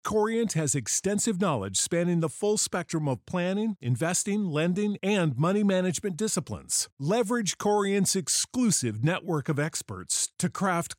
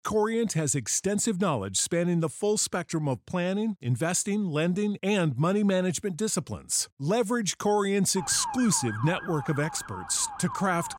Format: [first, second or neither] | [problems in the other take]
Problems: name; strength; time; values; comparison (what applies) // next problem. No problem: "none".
first | siren; noticeable; from 8 s on; peak 8 dB below the speech